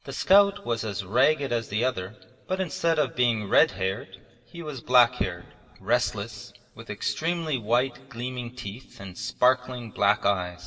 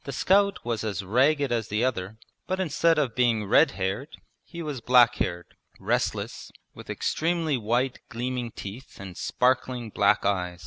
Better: second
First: room echo; dies away in 1.6 s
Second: none

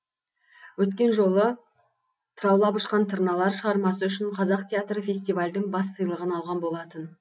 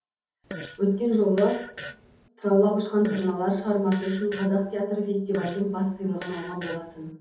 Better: first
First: none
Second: background sound (Fart); 16 dB below the speech // room echo; dies away in 0.6 s

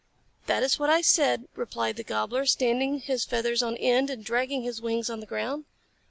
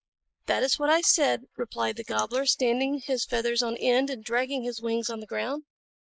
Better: first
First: none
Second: noise reduction (neural mask model Resemble Enhance denoiser)

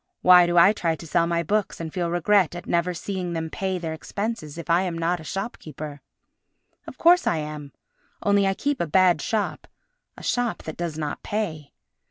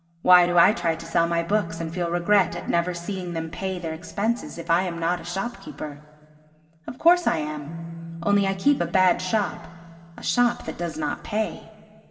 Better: first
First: none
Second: background sound (Bass guitar); 16 dB below the speech // room echo; dies away in 1.6 s

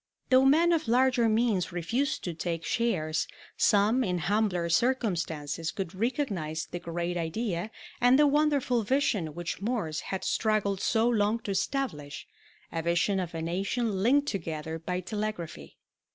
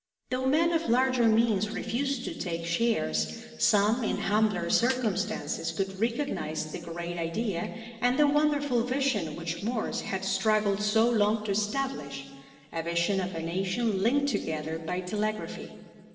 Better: first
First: none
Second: noise reduction (neural separator model SepFormer DNS4)

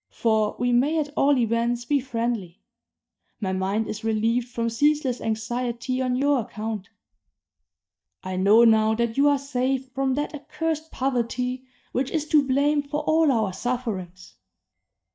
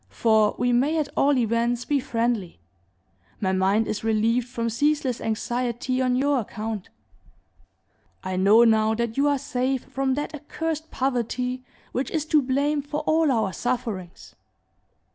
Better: second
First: noise reduction (neural mask model DeepFilterNet 3)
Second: none

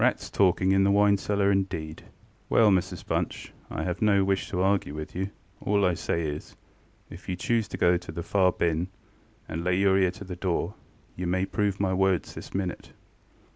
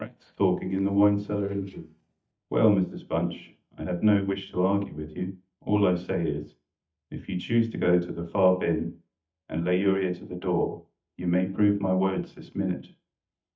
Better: first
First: none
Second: noise reduction (neural mask model DeepFilterNet 3)

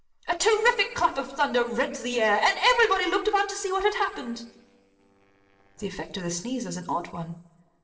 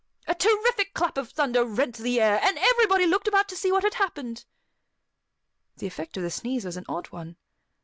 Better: second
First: noise reduction (neural separator model SepFormer DNS4)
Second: none

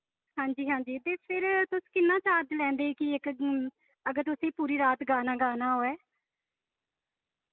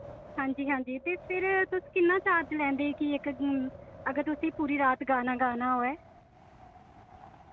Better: first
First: none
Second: background sound (Wind); 19 dB below the speech

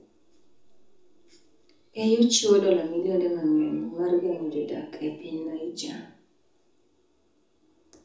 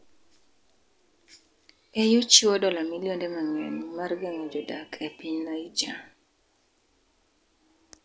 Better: second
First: room echo; dies away in 0.5 s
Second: none

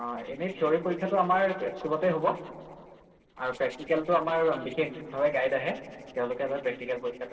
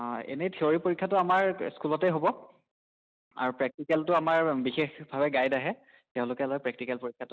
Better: second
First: noise reduction (neural separator model SepFormer DNS4)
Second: none

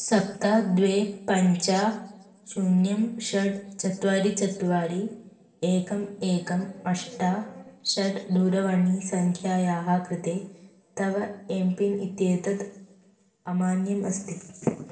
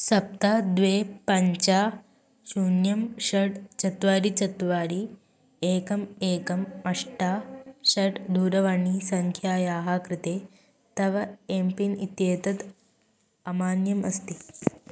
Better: second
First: room echo; dies away in 0.6 s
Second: none

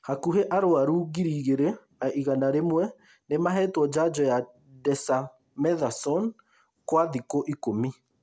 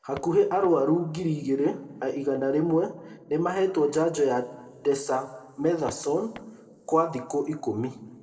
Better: first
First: none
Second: noise reduction (neural separator model SepFormer DNS4)

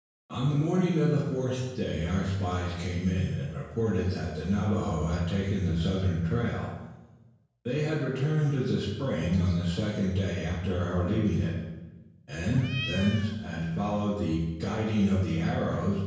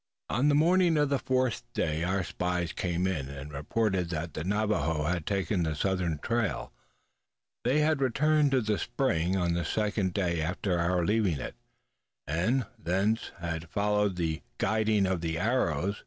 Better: second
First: background sound (Cat); 10 dB below the speech // room echo; dies away in 1 s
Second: none

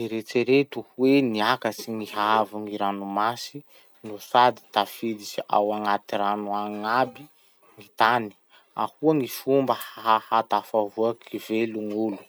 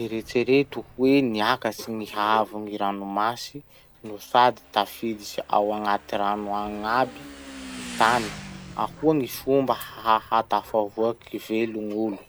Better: first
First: none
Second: background sound (Motorcycle / Engine); 19 dB below the speech

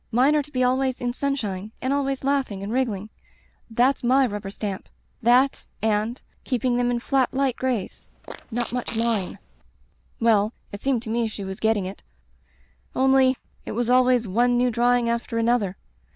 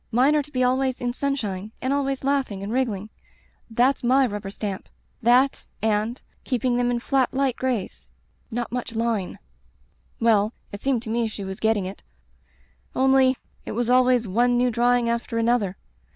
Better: second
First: background sound (Fart); 15 dB below the speech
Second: none

